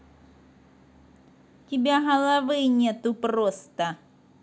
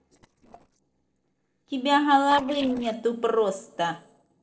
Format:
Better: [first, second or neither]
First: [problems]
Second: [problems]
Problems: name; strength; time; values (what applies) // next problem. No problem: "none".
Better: first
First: none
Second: noise reduction (neural separator model SepFormer DNS4)